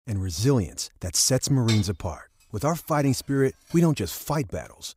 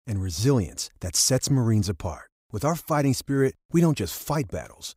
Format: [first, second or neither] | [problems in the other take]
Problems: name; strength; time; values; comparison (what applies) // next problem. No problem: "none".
second | clattering dishes; noticeable; from 1.5 to 3.5 s; peak 8 dB below the speech